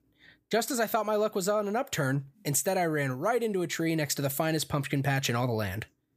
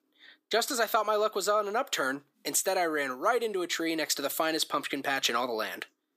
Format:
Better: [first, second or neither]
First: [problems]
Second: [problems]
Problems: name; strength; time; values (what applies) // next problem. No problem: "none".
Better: first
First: none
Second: thin; somewhat; fading below 300 Hz